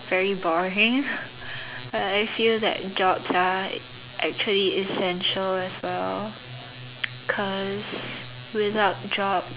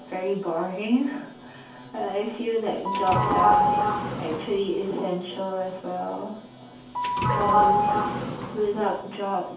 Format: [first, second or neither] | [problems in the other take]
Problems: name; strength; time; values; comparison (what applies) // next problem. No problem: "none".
first | background sound (Sliding door / Doorbell); 4 dB above the speech // room echo; dies away in 0.6 s